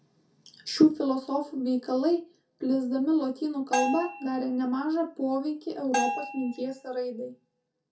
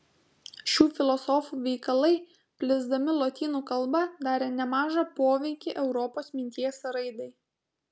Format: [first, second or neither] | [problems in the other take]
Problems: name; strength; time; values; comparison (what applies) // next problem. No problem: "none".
second | background sound (Bell); 6 dB below the speech // room echo; dies away in 0.3 s